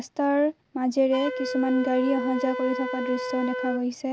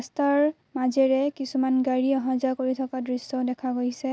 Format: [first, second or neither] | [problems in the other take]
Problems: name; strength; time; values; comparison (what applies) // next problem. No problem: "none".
second | background sound (Wind instrument, woodwind instrument); 7 dB below the speech